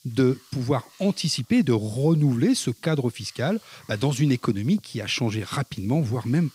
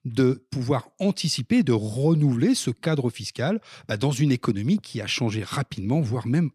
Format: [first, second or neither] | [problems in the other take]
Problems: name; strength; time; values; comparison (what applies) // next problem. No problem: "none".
second | hiss; faint; throughout; 25 dB below the speech